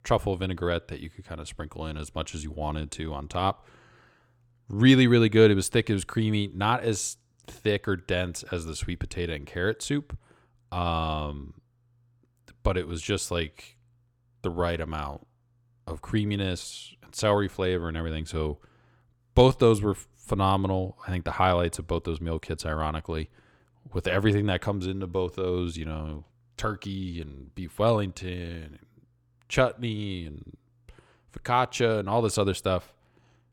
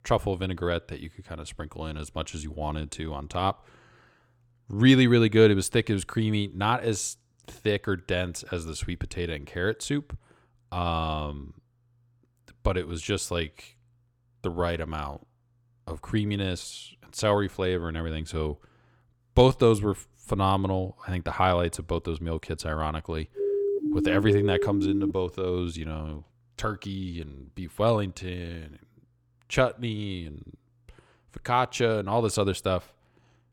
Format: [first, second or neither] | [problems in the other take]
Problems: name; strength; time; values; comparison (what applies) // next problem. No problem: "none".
first | siren; loud; from 23 to 25 s; peak 1 dB above the speech